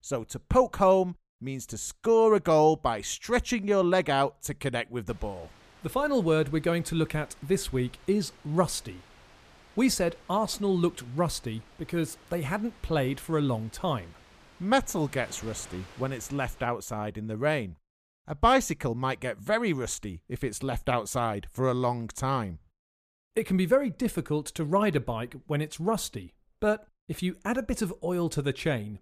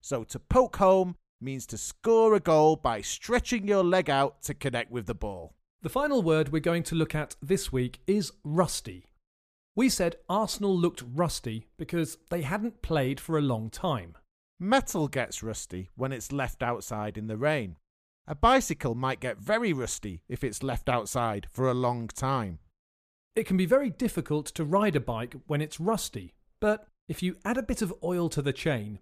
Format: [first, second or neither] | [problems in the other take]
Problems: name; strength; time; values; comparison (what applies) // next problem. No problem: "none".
second | wind noise on the microphone; occasional gusts; from 5 to 17 s; 25 dB below the speech